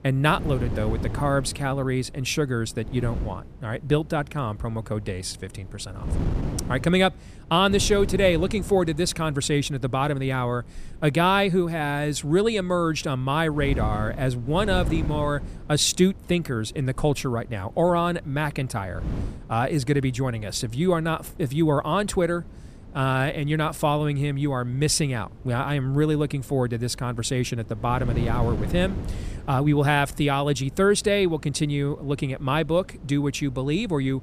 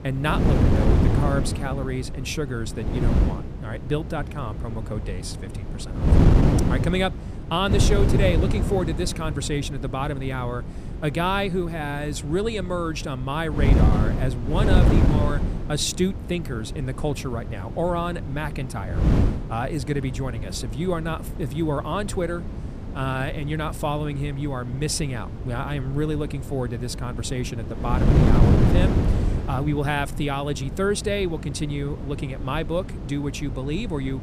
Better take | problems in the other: first | wind noise on the microphone; heavy; 5 dB below the speech; occasional gusts in the first

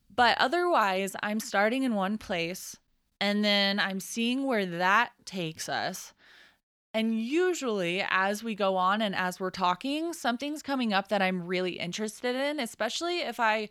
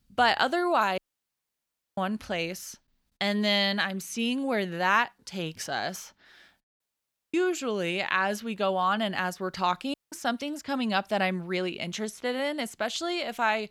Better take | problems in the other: first | audio cutting out; at 1 s for 1 s, at 7 s for 0.5 s and at 10 s

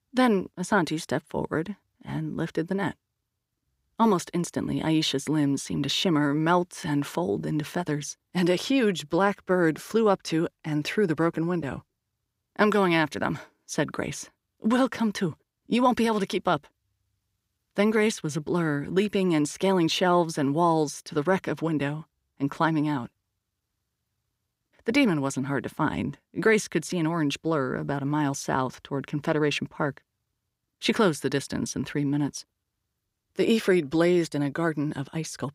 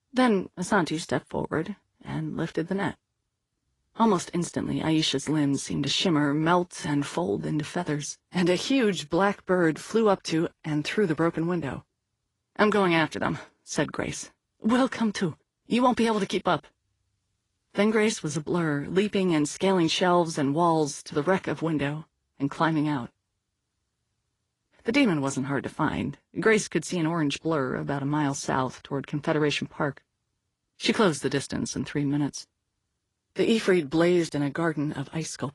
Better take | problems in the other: first | garbled, watery; slightly; nothing above 10.5 kHz

